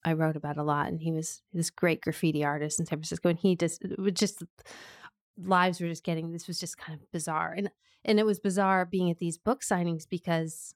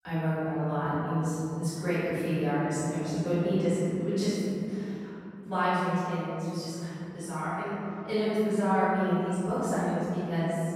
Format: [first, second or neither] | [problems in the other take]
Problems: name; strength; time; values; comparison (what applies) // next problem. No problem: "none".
first | off-mic speech; far // room echo; strong; dies away in 3 s